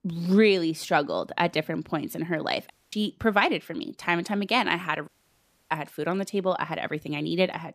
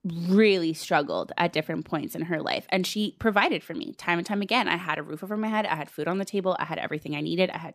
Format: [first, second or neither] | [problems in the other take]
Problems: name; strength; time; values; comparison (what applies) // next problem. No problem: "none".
second | audio cutting out; at 2.5 s and at 5 s for 0.5 s